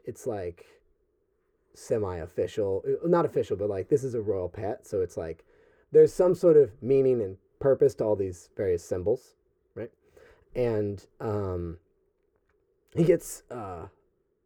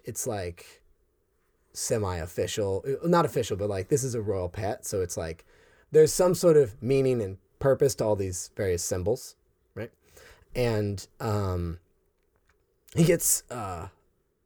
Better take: second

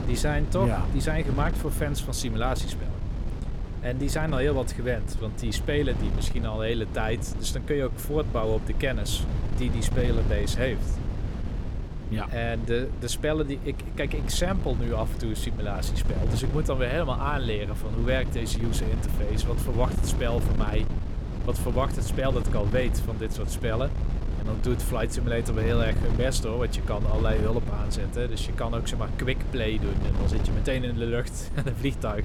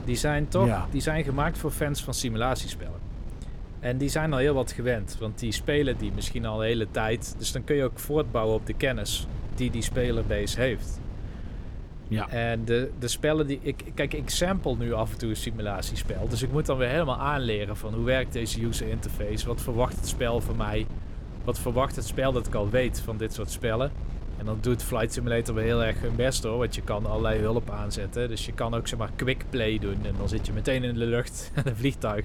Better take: second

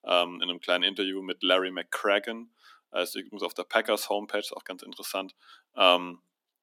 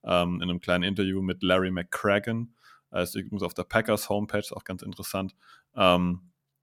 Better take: second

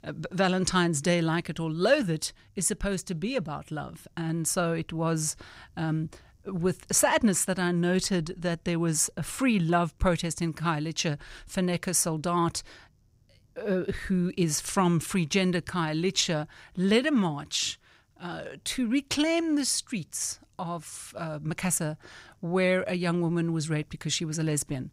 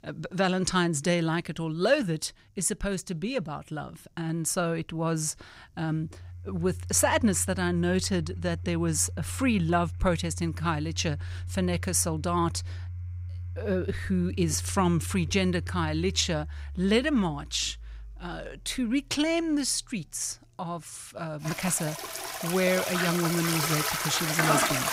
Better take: first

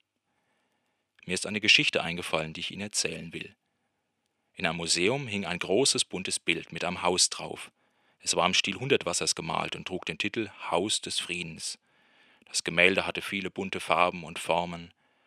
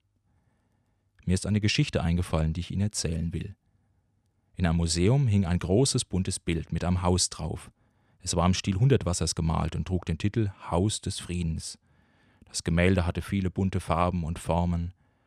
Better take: second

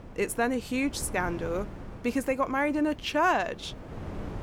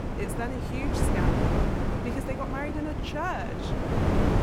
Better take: first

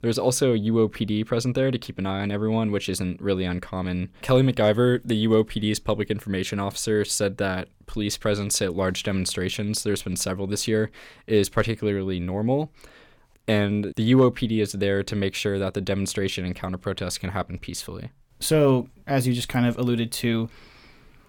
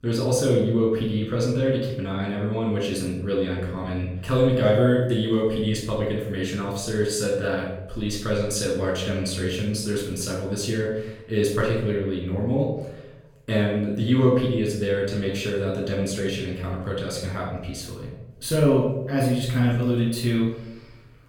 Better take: first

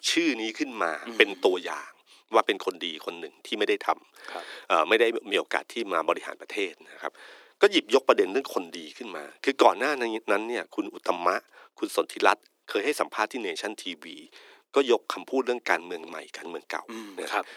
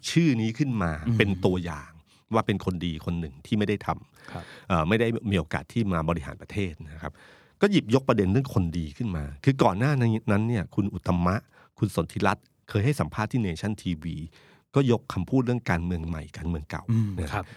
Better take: second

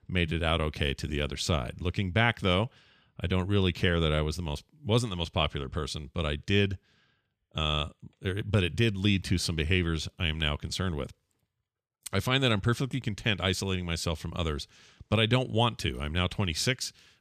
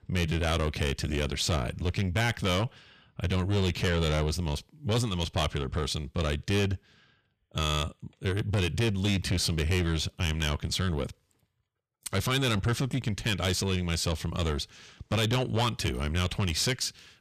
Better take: first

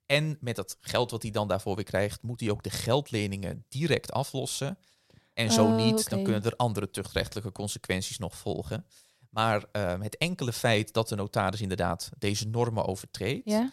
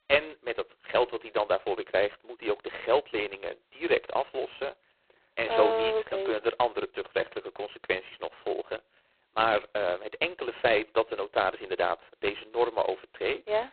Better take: first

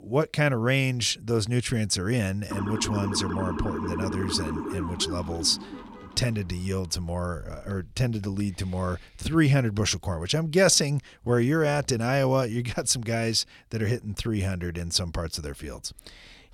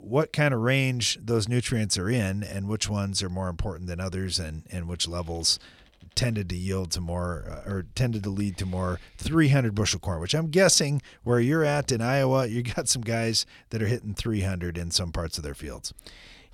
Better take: second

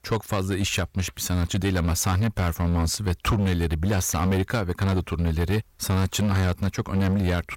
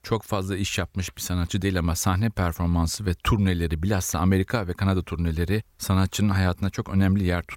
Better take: second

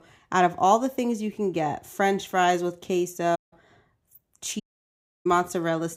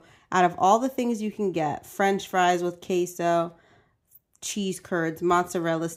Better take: second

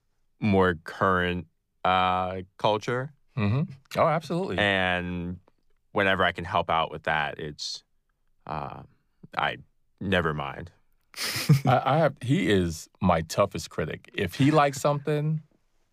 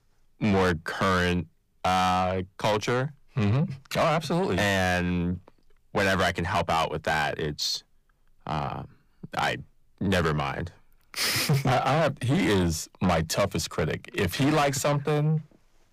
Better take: first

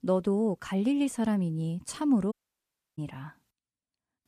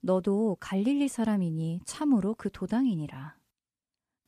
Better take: second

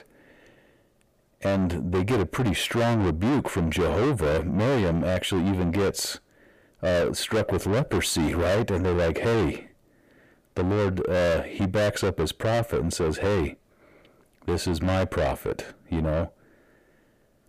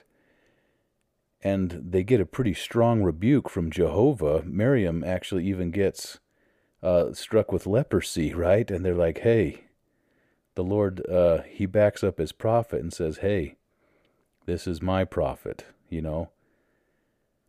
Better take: second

